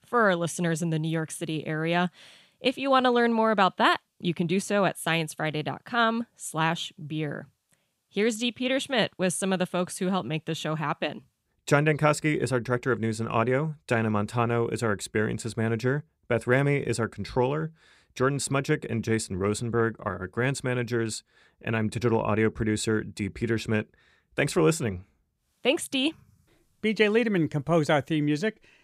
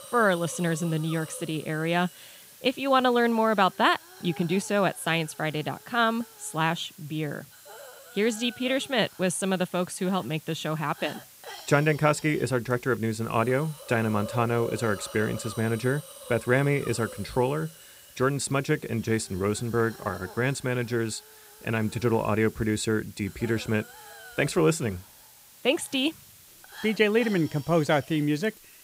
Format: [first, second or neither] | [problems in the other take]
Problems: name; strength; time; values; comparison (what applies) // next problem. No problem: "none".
first | hiss; noticeable; throughout; 20 dB below the speech